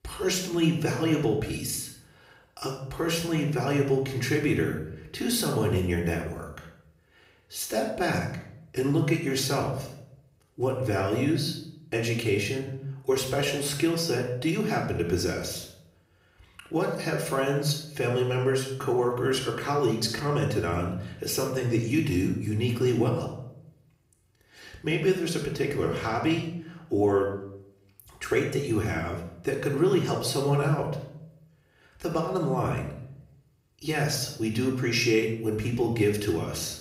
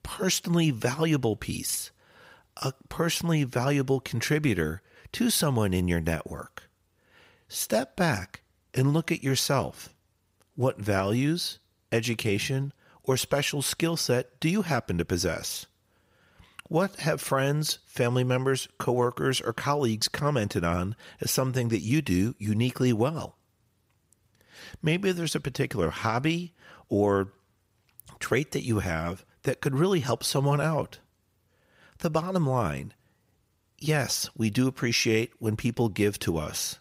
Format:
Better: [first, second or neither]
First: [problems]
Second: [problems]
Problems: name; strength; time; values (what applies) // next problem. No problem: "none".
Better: second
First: room echo; noticeable; dies away in 0.6 s // off-mic speech; somewhat distant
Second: none